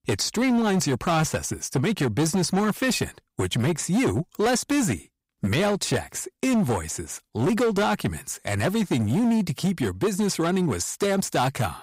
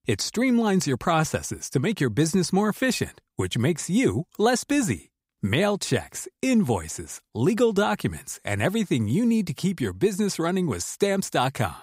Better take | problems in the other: second | distortion; slight; 15% of the sound clipped

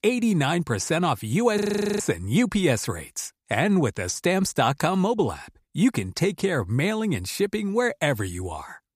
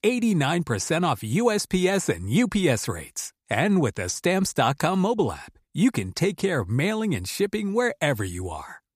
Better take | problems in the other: second | audio freezing; at 1.5 s

